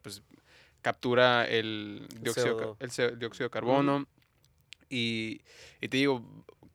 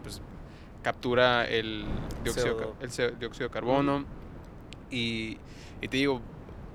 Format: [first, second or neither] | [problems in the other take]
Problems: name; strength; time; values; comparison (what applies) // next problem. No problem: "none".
first | wind noise on the microphone; occasional gusts; 20 dB below the speech